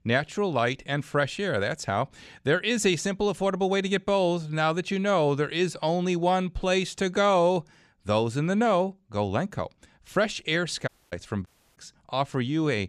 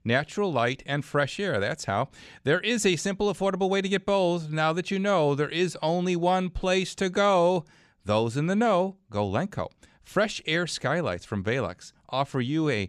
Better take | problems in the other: second | audio cutting out; at 11 s

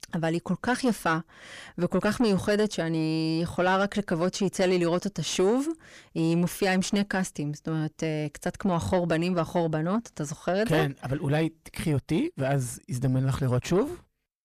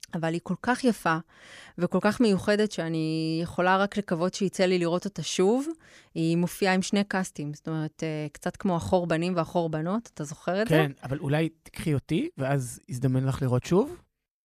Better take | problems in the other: second | distortion; slight; 9 dB below the speech

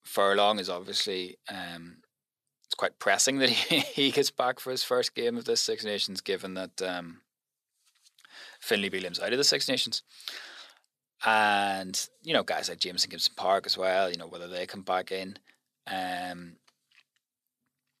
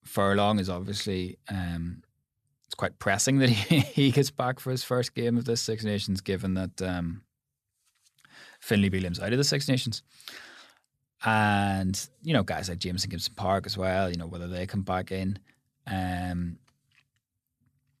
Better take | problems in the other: second | thin; somewhat; fading below 450 Hz

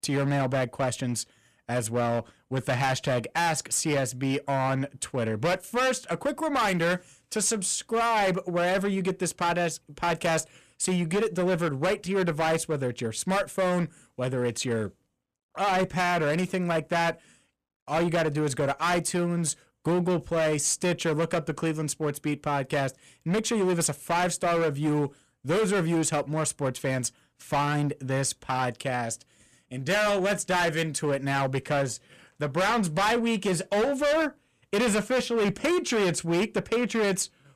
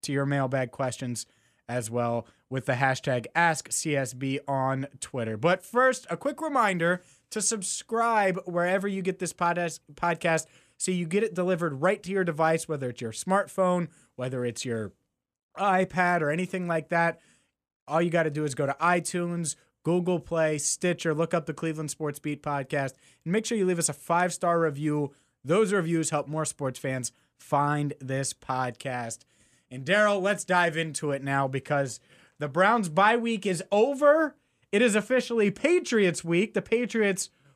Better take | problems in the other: second | distortion; heavy; 15% of the sound clipped

